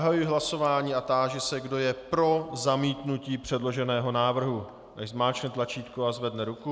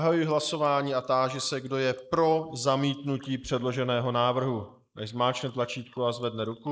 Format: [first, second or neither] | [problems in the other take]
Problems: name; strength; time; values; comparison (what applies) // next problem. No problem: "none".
first | noise reduction (neural mask model Resemble Enhance denoiser)